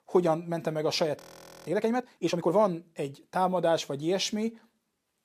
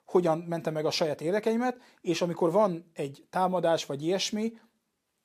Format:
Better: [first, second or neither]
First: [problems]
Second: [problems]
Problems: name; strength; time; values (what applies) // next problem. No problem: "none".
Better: second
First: audio freezing; at 1 s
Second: none